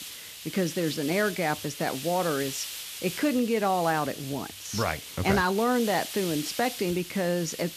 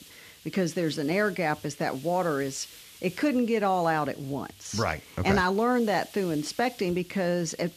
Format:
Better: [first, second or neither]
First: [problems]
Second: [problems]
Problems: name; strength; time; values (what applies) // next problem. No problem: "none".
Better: second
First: hiss; loud; throughout; 9 dB below the speech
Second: hiss; faint; throughout; 20 dB below the speech